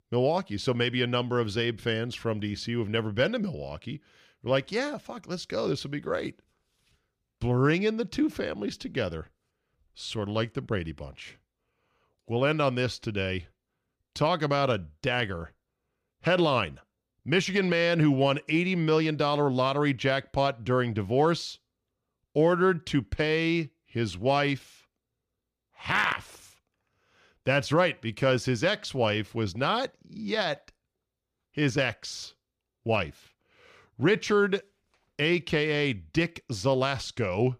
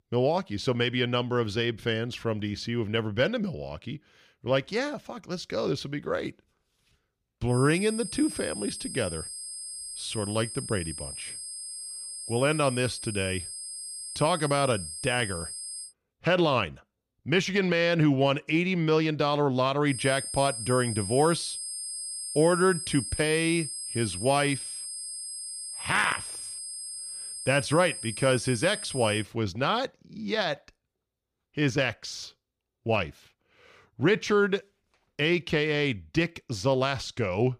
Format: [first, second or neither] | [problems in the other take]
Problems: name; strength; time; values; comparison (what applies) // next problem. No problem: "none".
first | high-pitched whine; loud; from 7.5 to 16 s and from 20 to 29 s; 8.5 kHz, 8 dB below the speech